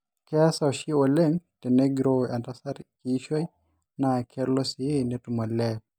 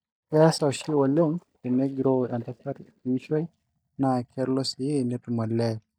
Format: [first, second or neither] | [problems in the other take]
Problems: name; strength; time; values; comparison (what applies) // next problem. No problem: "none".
first | noise reduction (neural mask model DeepFilterNet 3)